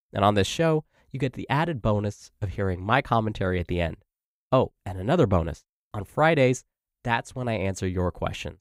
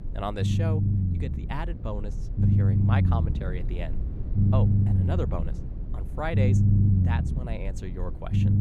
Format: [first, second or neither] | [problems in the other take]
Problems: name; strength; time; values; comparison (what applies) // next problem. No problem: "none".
first | low rumble; loud; throughout; 1 dB below the speech